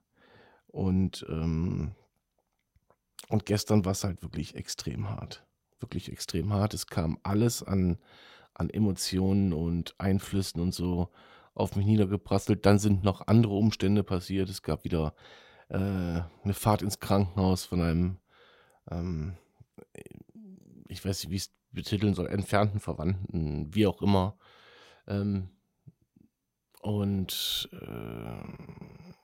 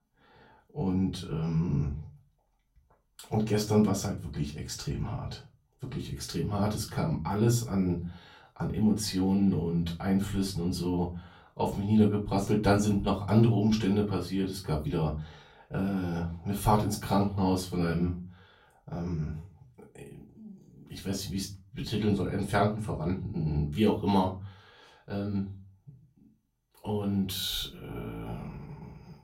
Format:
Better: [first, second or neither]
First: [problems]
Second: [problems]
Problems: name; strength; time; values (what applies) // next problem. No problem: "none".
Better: first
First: none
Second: off-mic speech; far // room echo; very slight; dies away in 0.3 s